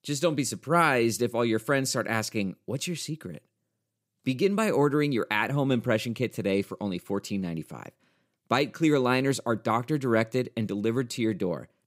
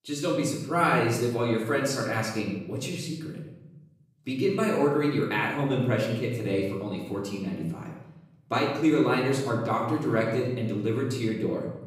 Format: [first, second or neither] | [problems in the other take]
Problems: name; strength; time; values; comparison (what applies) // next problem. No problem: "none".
first | off-mic speech; far // room echo; noticeable; dies away in 0.9 s